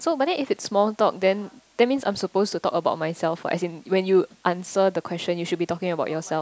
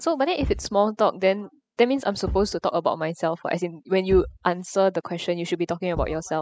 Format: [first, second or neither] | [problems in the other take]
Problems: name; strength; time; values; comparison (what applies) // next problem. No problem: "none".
first | noise reduction (classical method spectral subtraction)